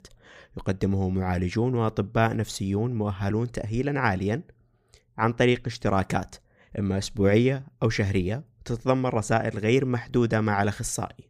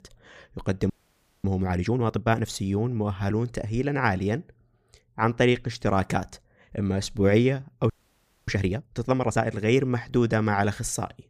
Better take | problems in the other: first | audio freezing; at 1 s for 0.5 s and at 8 s for 0.5 s

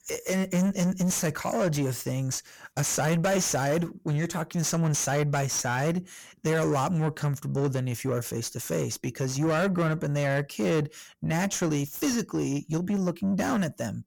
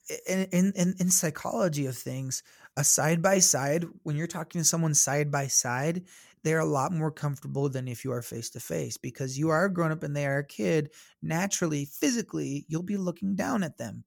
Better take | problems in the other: second | distortion; heavy; 7 dB below the speech

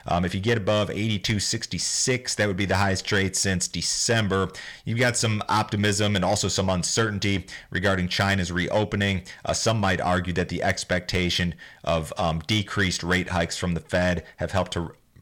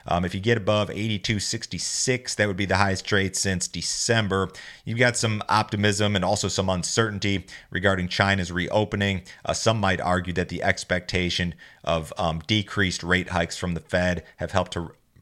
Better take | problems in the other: second | distortion; slight; 10 dB below the speech

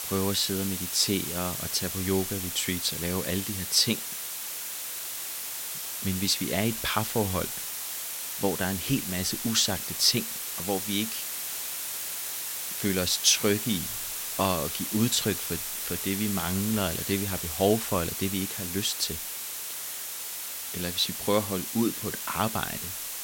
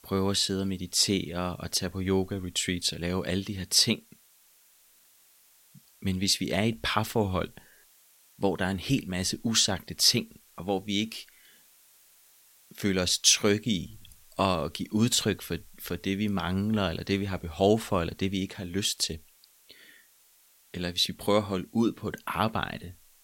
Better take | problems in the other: second | hiss; loud; throughout; 4 dB below the speech; faint in the second

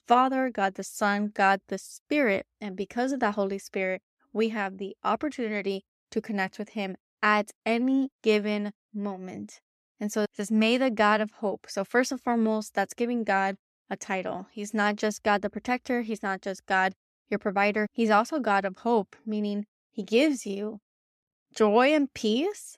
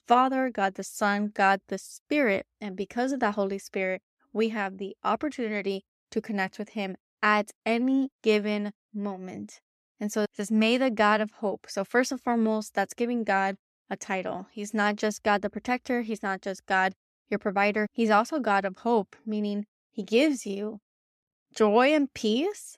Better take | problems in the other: neither | none

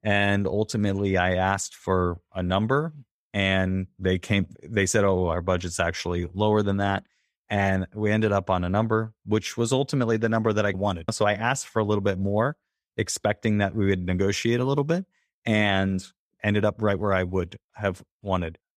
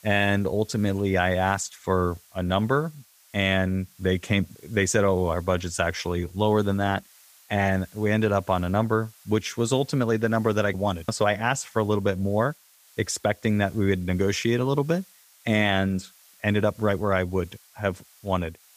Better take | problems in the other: first | hiss; faint; throughout; 25 dB below the speech

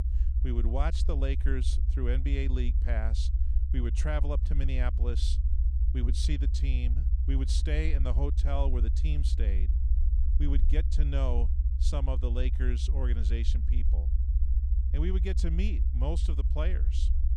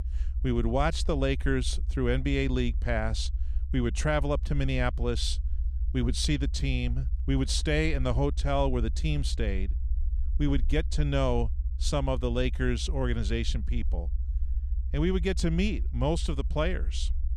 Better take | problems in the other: second | low rumble; loud; throughout; 9 dB below the speech; faint in the second

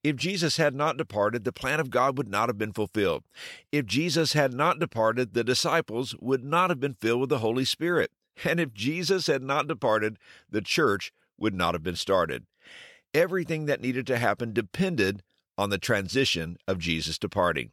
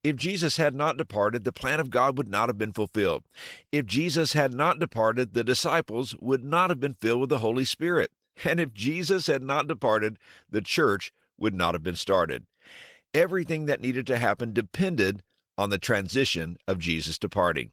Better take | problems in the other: first | garbled, watery; slightly; nothing above 19 kHz

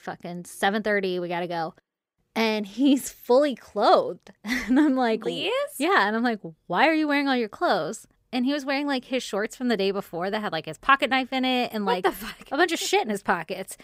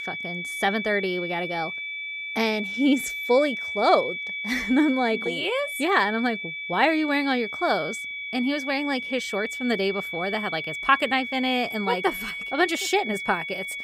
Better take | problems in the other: first | high-pitched whine; loud; throughout; 2.5 kHz, 5 dB below the speech

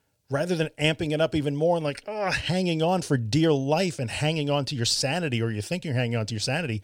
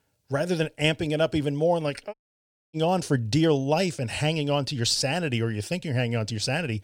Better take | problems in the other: first | audio cutting out; at 2 s for 0.5 s

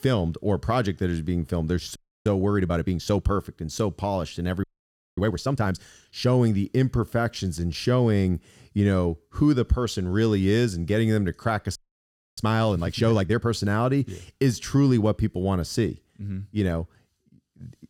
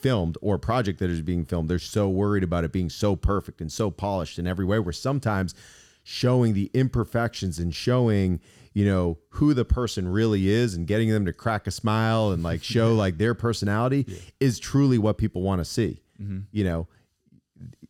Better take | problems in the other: second | audio freezing; at 2 s, at 4.5 s for 0.5 s and at 12 s for 0.5 s

